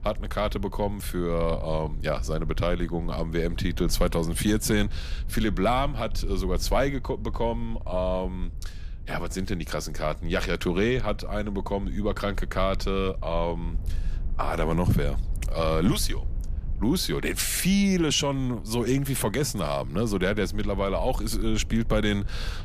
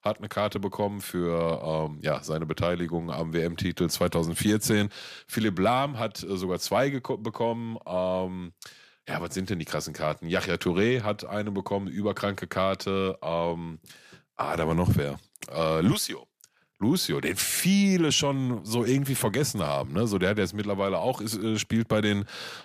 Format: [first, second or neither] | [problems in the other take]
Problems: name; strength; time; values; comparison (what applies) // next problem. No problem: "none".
second | low rumble; faint; throughout; 25 dB below the speech